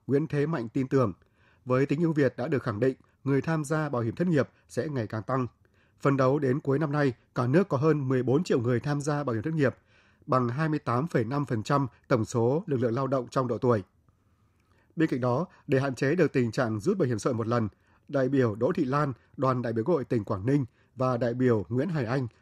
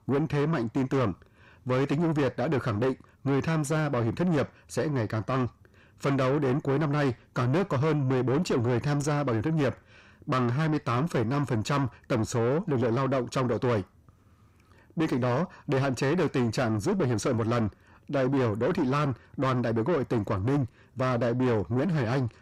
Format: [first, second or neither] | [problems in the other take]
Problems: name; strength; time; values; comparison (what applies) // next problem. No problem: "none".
first | distortion; heavy; 8 dB below the speech